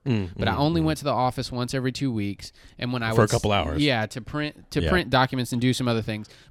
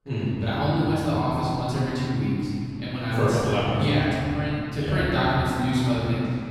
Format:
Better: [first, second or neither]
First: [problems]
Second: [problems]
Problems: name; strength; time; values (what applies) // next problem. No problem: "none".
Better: first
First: none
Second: room echo; strong; dies away in 3 s // off-mic speech; far